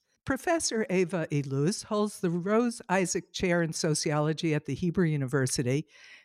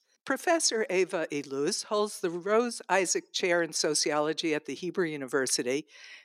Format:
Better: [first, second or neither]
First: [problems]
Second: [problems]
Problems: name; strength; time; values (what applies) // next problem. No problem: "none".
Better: first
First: none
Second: thin; somewhat; fading below 300 Hz